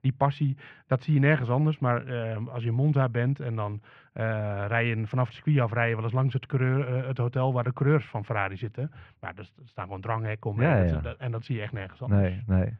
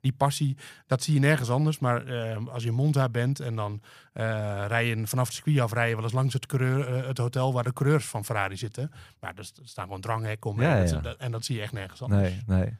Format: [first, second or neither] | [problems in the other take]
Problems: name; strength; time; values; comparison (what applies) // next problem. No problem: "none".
second | muffled; very; fading above 2.5 kHz